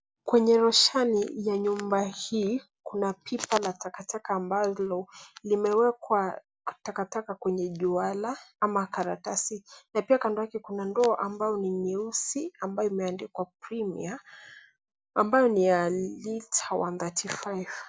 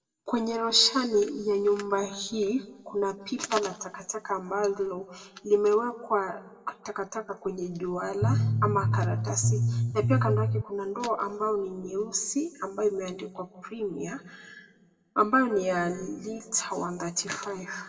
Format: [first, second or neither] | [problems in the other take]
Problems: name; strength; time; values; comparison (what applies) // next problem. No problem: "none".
first | background sound (Bass guitar); 4 dB above the speech // room echo; dies away in 1 s